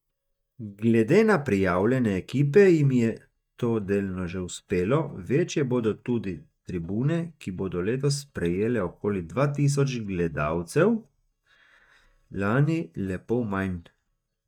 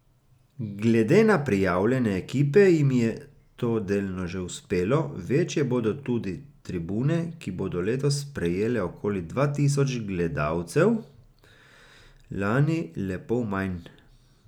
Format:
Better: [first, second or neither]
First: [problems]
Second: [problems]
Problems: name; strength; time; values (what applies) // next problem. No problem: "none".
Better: second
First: noise reduction (neural mask model DeepFilterNet 3)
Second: none